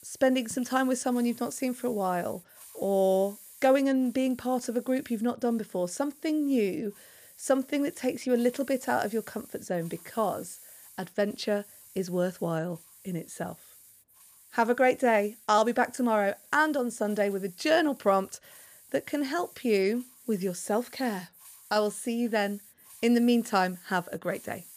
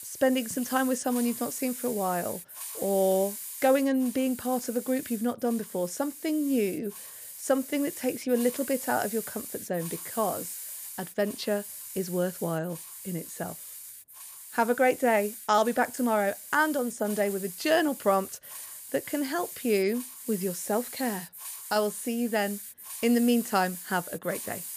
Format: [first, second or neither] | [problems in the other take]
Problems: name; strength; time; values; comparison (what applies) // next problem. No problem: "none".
first | hiss; loud; throughout; 10 dB below the speech; faint in the first